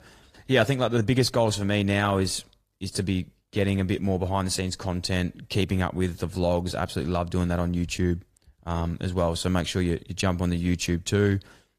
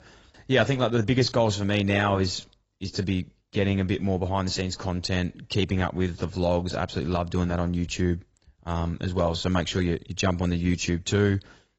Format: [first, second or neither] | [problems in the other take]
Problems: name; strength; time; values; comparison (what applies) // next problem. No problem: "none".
first | garbled, watery; badly; nothing above 7.5 kHz; slightly in the first